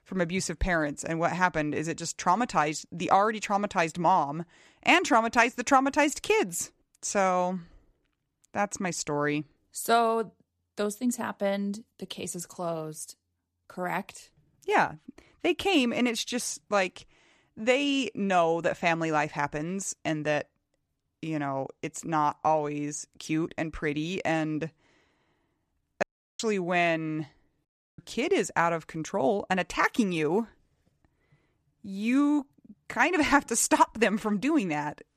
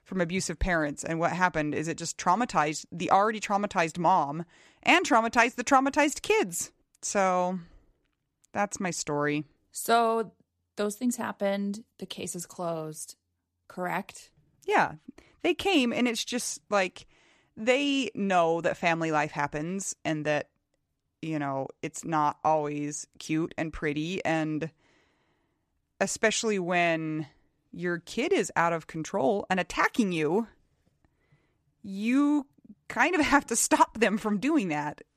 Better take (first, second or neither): second